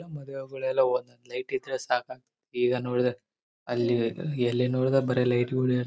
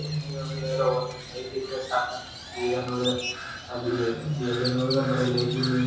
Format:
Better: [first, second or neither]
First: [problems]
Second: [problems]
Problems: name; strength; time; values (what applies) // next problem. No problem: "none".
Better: first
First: none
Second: background sound (Crow); 6 dB below the speech // room echo; dies away in 0.7 s